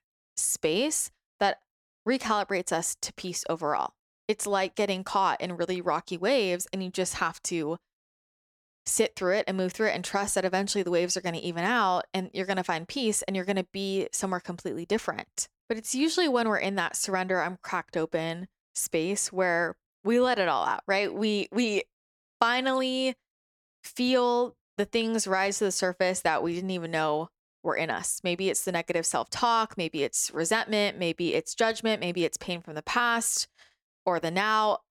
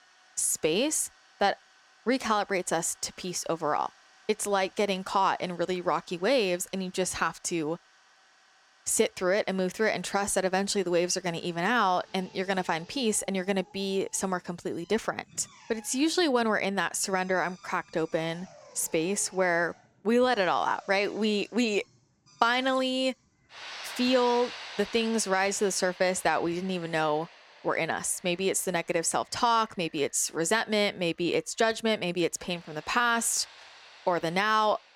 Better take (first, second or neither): first